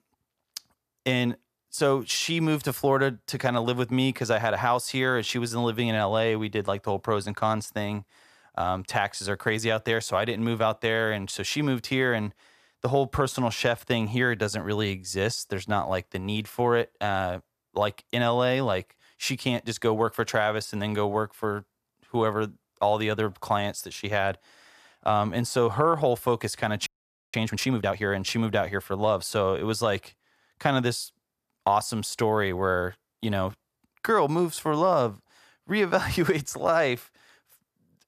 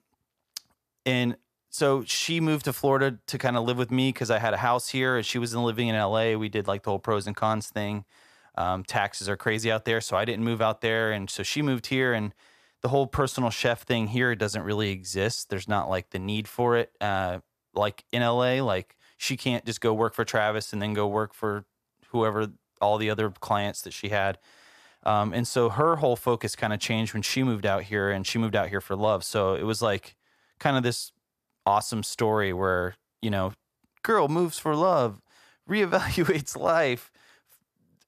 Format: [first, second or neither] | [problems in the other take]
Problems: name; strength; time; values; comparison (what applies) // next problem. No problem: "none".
second | audio freezing; at 27 s